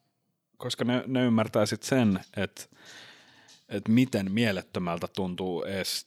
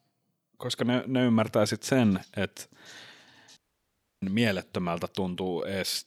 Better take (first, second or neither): first